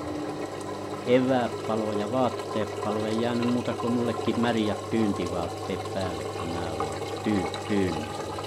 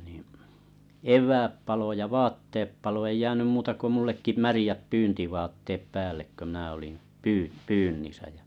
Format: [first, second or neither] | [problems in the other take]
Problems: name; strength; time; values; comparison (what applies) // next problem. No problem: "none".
second | background sound (Engine); 4 dB below the speech